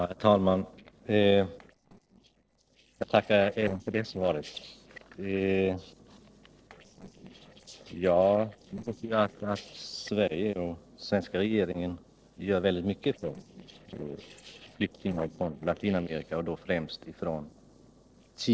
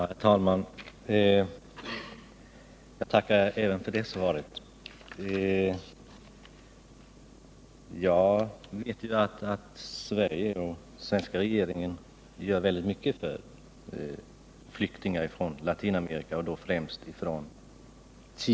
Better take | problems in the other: second | noise reduction (neural separator model SepFormer DNS4)

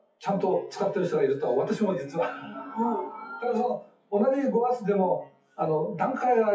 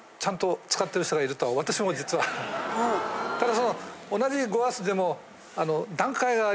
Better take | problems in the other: second | noise reduction (classical method WPE with log-MMSE)

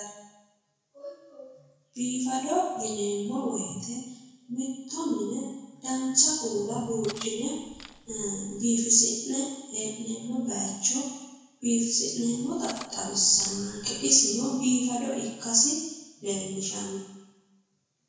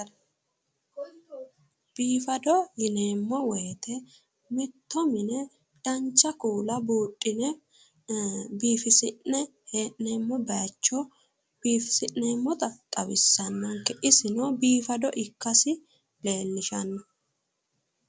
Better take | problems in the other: second | background sound (Cutlery, silverware); 18 dB below the speech // room echo; dies away in 1 s

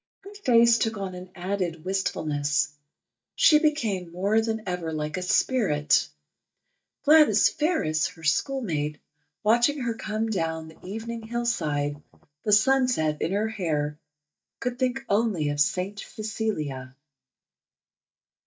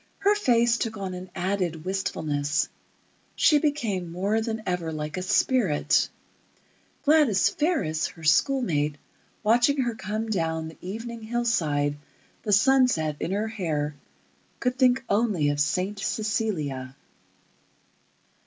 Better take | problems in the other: second | noise reduction (neural mask model DeepFilterNet 3)

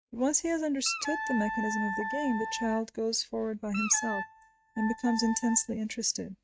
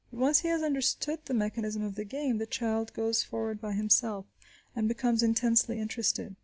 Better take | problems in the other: second | noise reduction (neural mask model RNNoise)

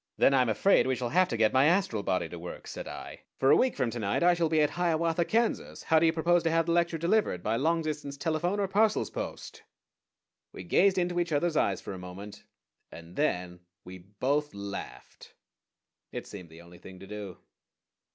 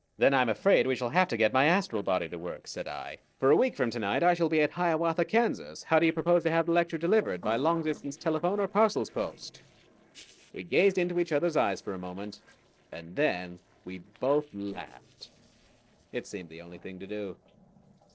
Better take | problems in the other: first | noise reduction (neural separator model SepFormer DNS4)

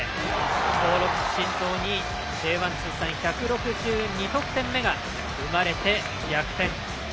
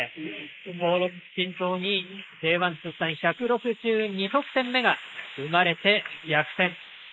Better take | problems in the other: first | noise reduction (neural mask model Resemble Enhance denoiser)

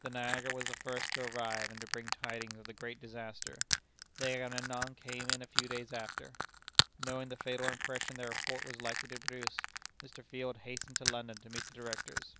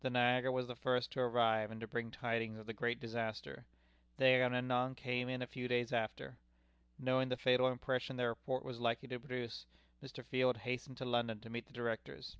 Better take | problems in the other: second | background sound (Crushing); 3 dB above the speech

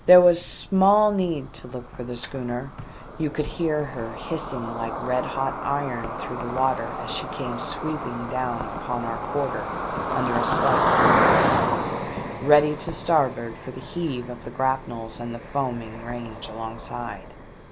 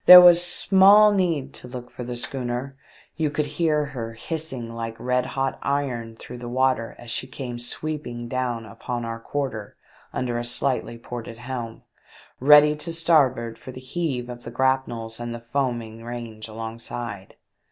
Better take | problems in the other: second | background sound (Cricket); 3 dB below the speech

